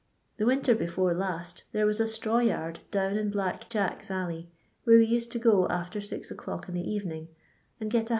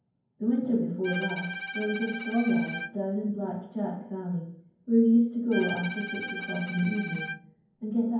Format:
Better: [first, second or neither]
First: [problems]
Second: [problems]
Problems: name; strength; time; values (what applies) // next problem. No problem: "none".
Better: first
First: none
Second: background sound (Bowed string instrument); 9 dB below the speech // room echo; dies away in 0.9 s